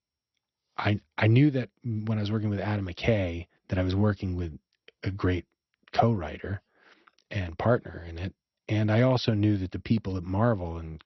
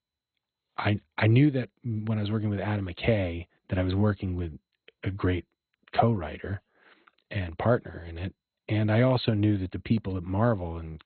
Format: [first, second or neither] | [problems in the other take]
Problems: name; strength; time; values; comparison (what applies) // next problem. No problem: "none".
first | garbled, watery; badly; nothing above 4 kHz; slightly in the first